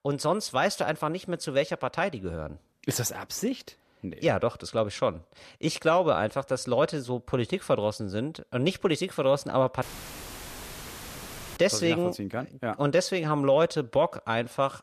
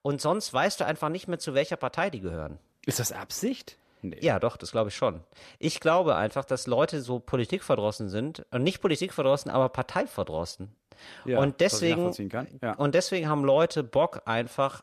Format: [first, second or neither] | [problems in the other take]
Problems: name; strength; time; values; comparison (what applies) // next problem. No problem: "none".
second | audio cutting out; filled with static; at 10 s for 2 s